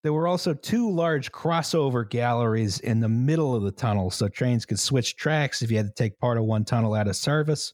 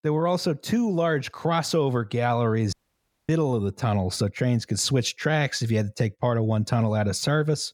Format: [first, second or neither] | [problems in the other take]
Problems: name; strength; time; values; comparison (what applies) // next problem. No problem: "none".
first | audio cutting out; at 2.5 s for 0.5 s